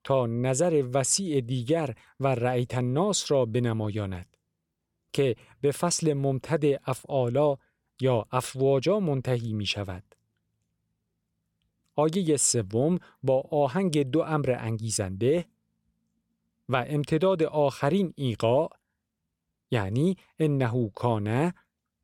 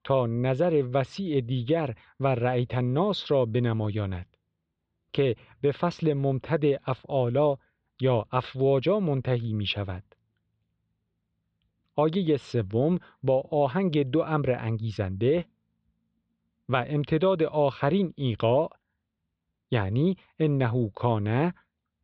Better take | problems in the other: first | muffled; very; fading above 4 kHz

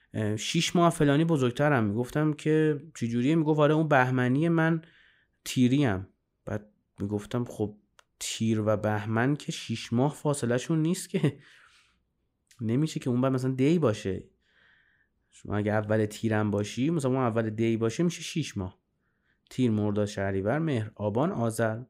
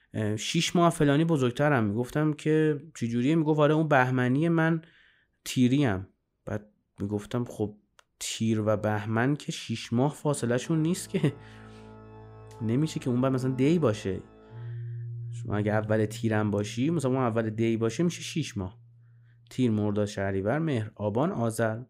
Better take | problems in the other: first | background music; noticeable; from 10 s on; 15 dB below the speech

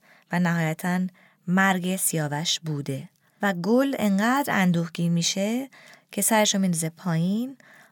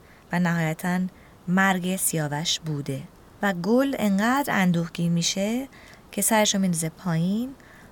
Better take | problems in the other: first | hiss; faint; throughout; 30 dB below the speech

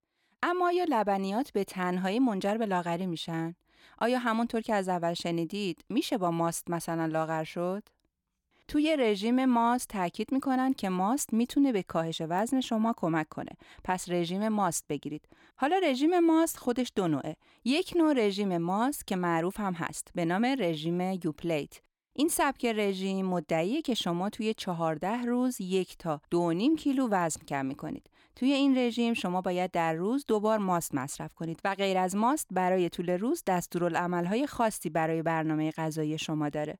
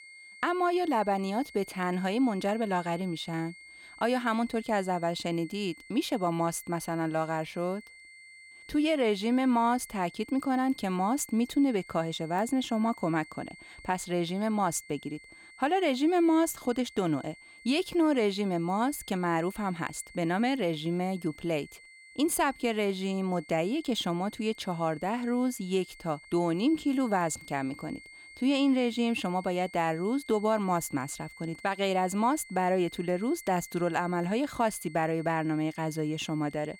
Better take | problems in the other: first | high-pitched whine; noticeable; throughout; 2 kHz, 20 dB below the speech

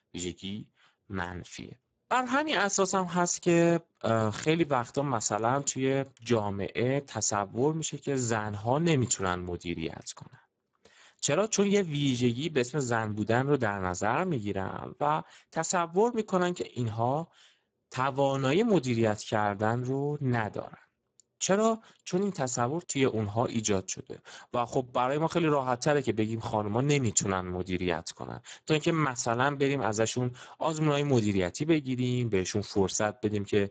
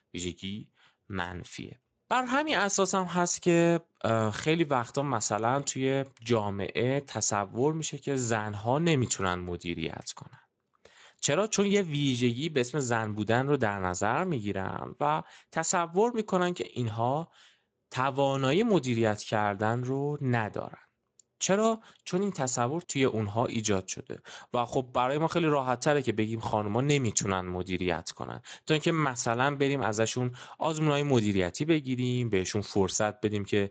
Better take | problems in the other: second | garbled, watery; badly; nothing above 7.5 kHz; slightly in the second

